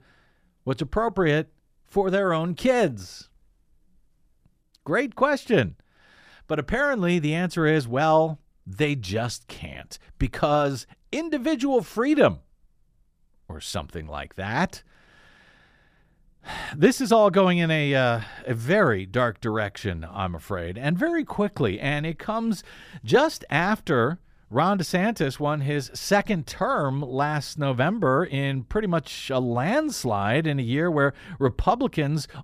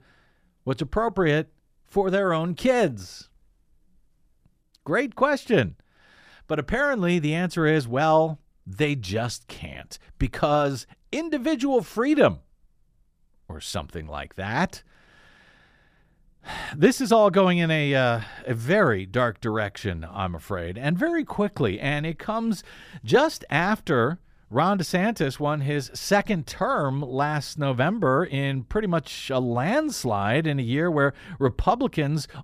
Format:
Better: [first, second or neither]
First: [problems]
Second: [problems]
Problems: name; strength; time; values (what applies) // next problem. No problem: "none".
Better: neither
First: none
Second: none